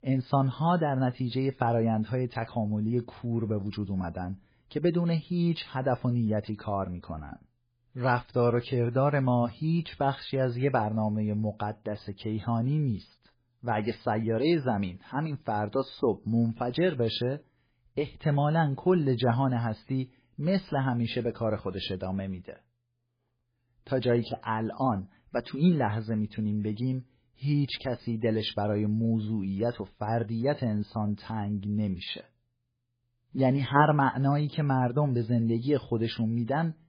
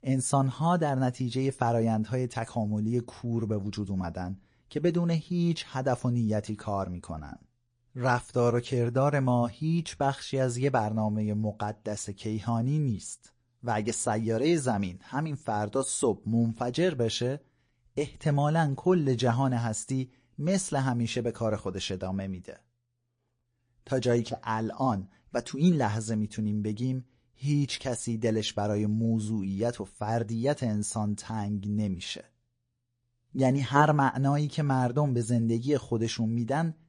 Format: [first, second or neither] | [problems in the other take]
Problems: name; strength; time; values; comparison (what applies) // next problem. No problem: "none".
second | garbled, watery; badly; slightly in the second